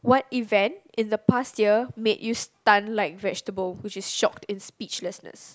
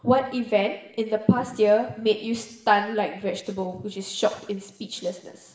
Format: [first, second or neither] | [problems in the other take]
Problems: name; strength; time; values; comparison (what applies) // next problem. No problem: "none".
first | room echo; dies away in 0.8 s